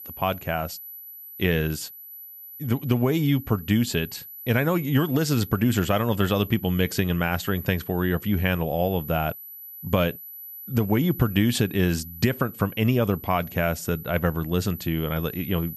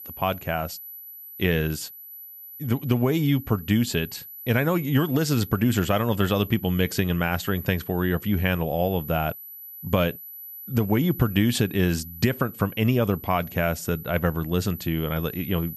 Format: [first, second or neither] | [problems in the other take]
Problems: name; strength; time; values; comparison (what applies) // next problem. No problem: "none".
neither | high-pitched whine; noticeable; throughout; 12 kHz, 15 dB below the speech; the same in both